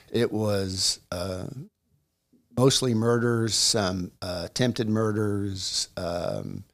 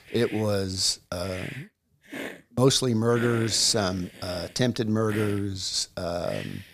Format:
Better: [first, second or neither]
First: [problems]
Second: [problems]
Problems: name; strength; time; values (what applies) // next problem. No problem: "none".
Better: first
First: none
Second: hiss; noticeable; throughout; 15 dB below the speech